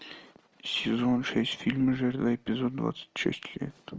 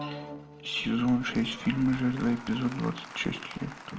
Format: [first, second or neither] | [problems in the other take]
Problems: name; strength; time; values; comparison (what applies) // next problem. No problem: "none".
first | background sound (Applause); 14 dB below the speech // room echo; dies away in 0.4 s